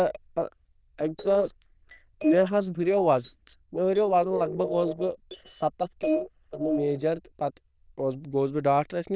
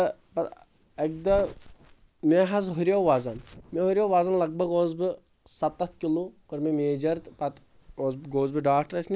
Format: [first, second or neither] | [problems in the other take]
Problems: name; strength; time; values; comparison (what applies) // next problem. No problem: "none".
second | noise reduction (neural diffusion model UNIVERSE++)